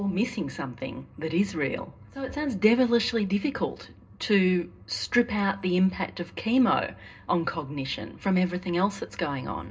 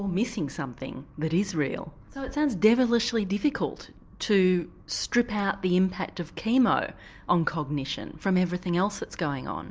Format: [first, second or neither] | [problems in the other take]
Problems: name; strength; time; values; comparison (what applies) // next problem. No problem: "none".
second | room echo; dies away in 0.2 s